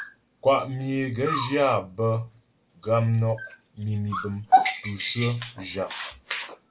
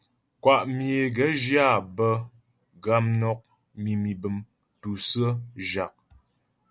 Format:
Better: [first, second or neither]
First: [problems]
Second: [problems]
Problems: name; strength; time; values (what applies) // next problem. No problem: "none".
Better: second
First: background sound (Dog); 4 dB below the speech // room echo; dies away in 0.2 s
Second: none